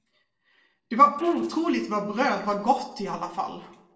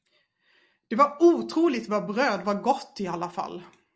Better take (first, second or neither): second